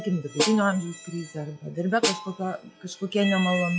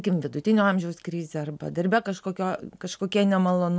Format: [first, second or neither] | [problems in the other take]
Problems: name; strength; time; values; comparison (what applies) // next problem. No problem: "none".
second | noise reduction (classical method log-MMSE)